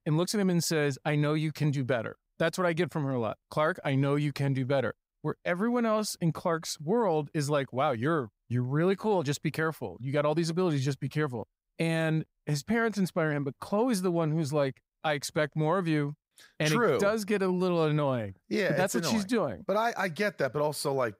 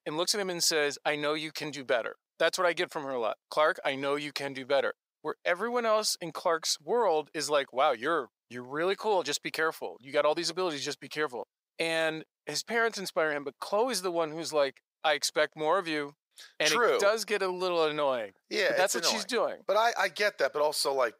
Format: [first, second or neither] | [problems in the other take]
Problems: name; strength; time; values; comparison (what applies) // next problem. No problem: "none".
first | thin; very; fading below 550 Hz